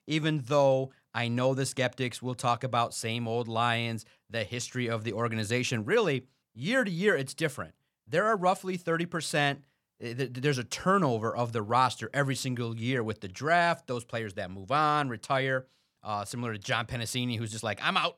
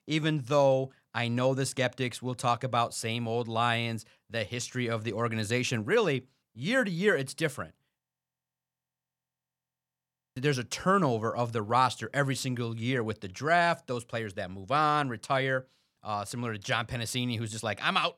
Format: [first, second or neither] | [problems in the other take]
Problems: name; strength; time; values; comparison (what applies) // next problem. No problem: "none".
first | audio freezing; at 8 s for 2.5 s